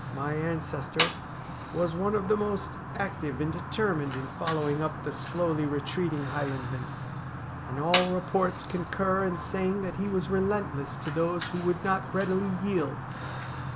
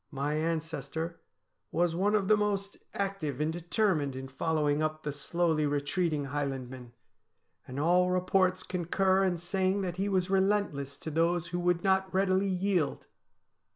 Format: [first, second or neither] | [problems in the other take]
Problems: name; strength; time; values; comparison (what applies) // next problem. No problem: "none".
second | background sound (Fire); 5 dB below the speech